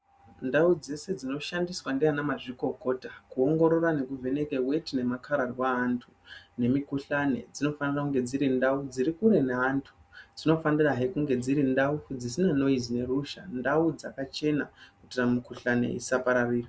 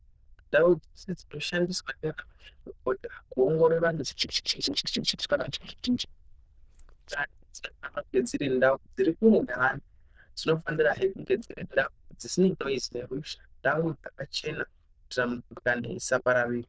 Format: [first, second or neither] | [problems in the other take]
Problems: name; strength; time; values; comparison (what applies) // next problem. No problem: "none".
first | noise reduction (neural diffusion model UNIVERSE++)